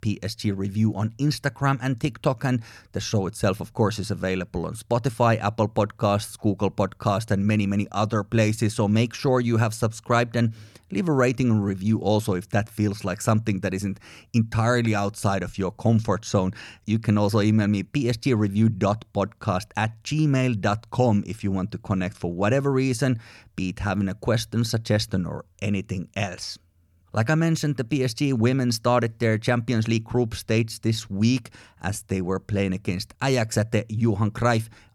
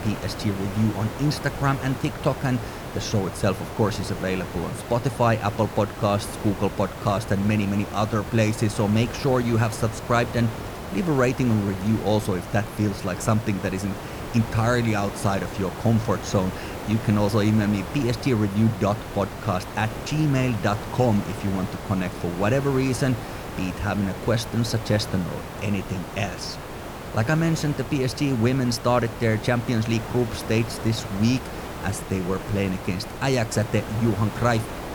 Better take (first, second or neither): first